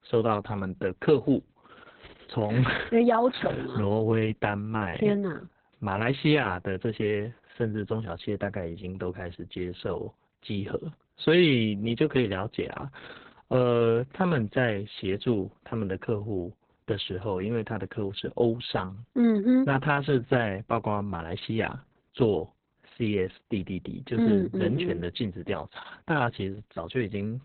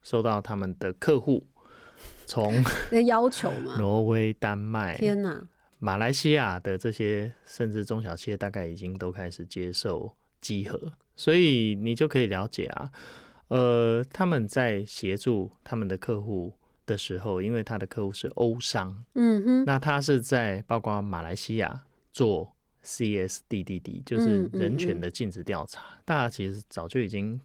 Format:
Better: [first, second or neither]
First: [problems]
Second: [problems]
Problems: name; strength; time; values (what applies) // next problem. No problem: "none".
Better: second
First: garbled, watery; badly; nothing above 4 kHz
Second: garbled, watery; slightly